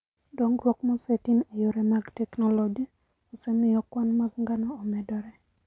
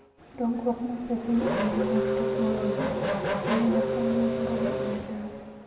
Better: first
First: none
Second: background sound (Race car, auto racing / Accelerating, revving, vroom); as loud as the speech // room echo; dies away in 1.2 s

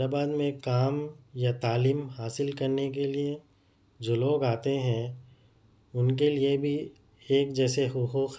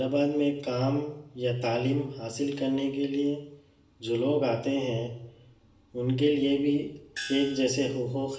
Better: first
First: none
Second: background sound (Gong); 10 dB below the speech // room echo; dies away in 0.8 s

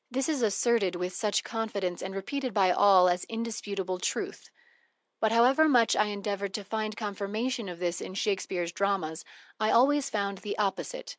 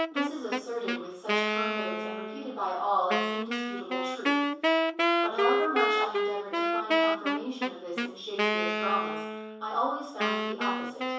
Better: first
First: none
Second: background sound (Wind instrument, woodwind instrument); 4 dB above the speech // room echo; dies away in 0.7 s

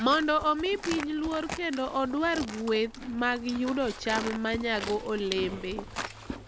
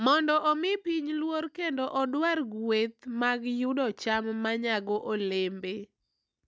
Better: second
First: background sound (Livestock, farm animals, working animals); 10 dB below the speech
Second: none

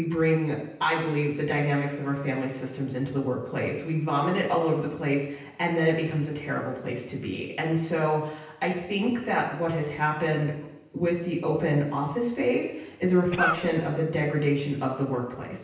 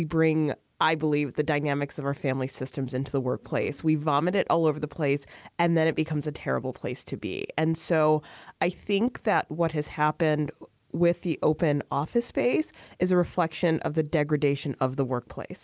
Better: second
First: background sound (Cough); 3 dB below the speech // room echo; dies away in 0.9 s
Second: none

